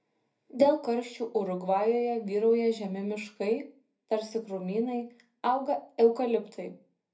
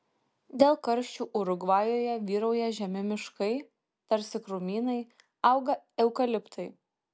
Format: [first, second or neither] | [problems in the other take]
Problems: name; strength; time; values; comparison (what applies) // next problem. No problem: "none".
second | room echo; dies away in 0.3 s